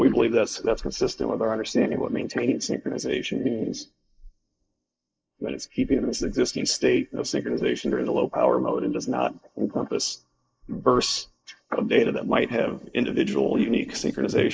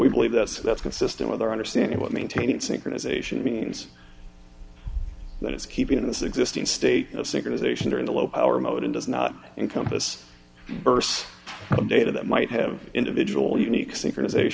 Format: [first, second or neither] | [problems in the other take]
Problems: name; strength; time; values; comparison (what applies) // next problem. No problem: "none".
second | noise reduction (neural mask model Resemble Enhance denoiser)